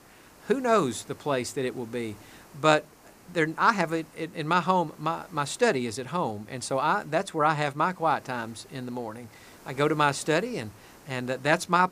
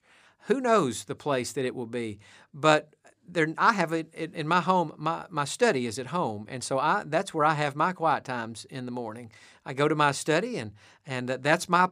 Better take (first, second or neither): second